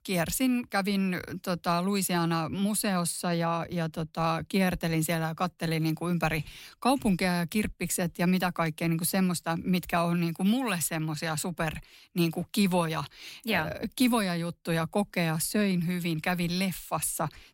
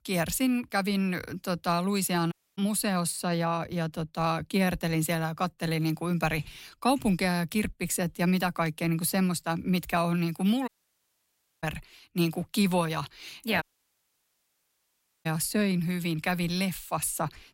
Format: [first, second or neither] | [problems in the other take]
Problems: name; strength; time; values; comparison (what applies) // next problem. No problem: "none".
first | audio cutting out; at 2.5 s, at 11 s for 1 s and at 14 s for 1.5 s